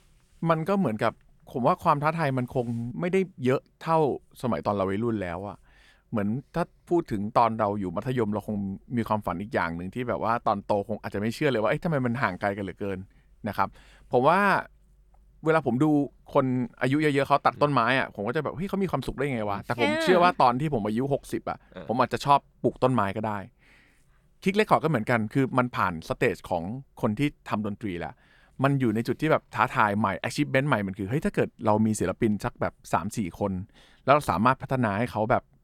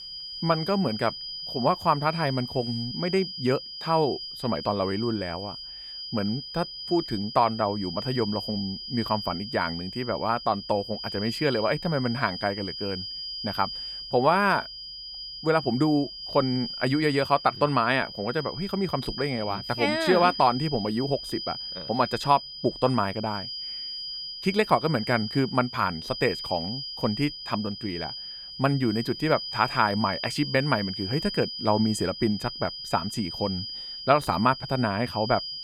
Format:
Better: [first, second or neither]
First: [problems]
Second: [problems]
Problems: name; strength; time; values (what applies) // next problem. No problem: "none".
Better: first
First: none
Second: high-pitched whine; loud; throughout; 5 kHz, 8 dB below the speech